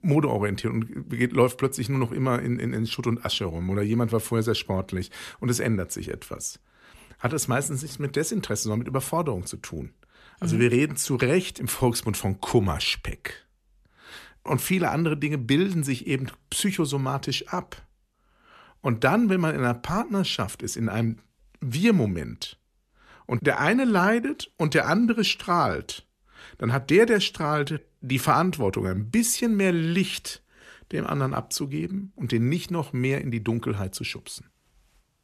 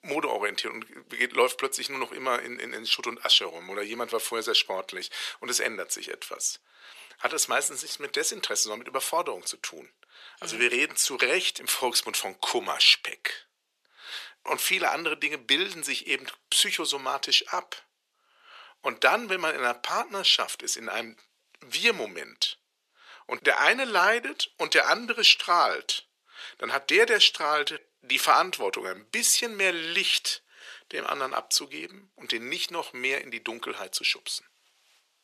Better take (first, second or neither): first